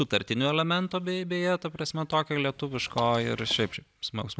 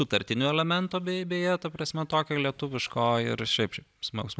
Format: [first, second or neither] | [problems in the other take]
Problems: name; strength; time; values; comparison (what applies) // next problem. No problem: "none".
second | background sound (Drip / Water); 14 dB below the speech